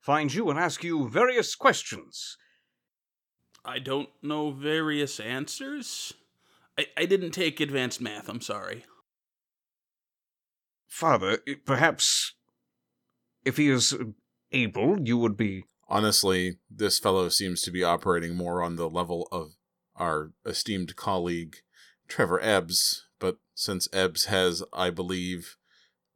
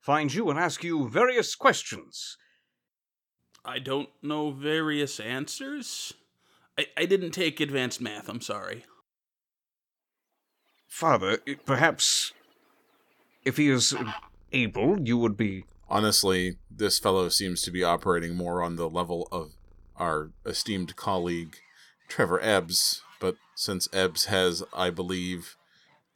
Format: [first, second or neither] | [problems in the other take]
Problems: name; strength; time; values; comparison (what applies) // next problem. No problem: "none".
first | animal sounds; faint; from 11 s on; 25 dB below the speech